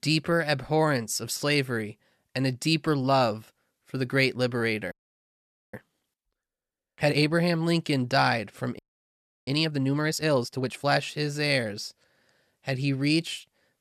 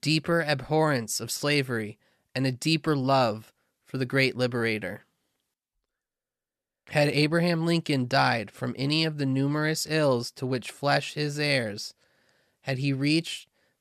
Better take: second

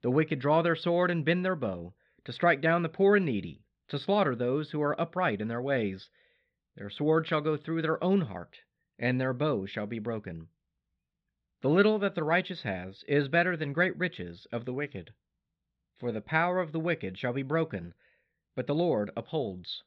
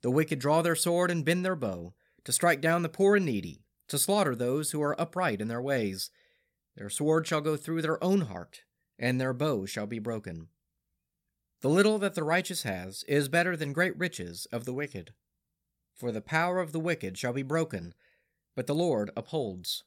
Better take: second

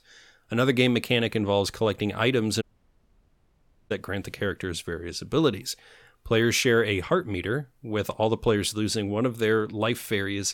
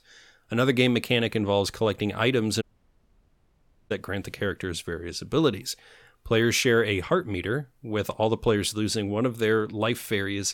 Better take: neither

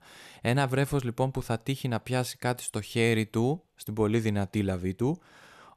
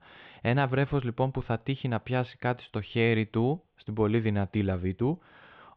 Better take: first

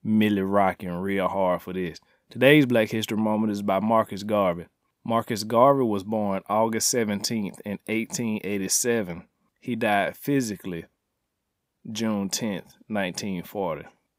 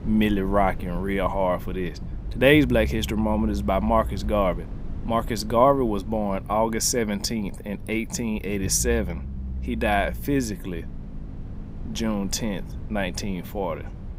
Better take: first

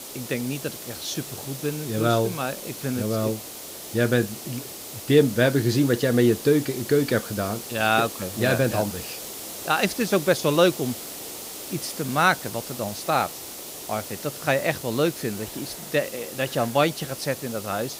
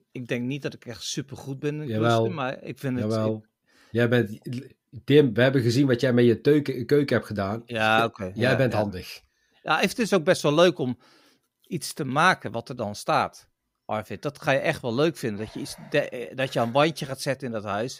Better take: second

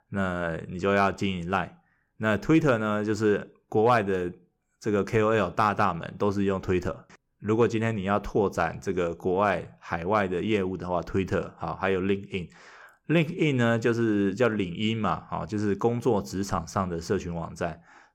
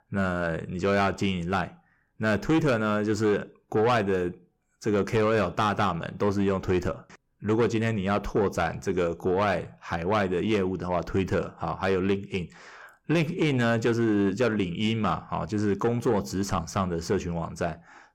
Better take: first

